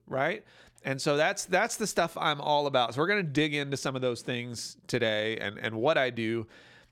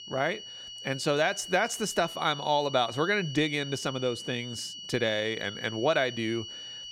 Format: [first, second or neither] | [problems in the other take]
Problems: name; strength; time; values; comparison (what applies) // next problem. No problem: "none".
first | high-pitched whine; noticeable; throughout; 3 kHz, 10 dB below the speech